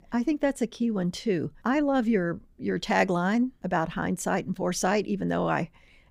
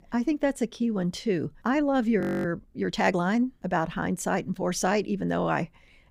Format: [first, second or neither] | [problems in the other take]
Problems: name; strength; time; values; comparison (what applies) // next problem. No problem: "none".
first | audio freezing; at 2 s